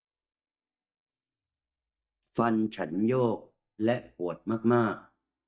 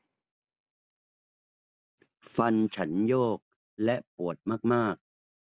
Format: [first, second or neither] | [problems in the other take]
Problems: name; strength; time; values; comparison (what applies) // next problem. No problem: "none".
second | noise reduction (neural mask model DeepFilterNet 3)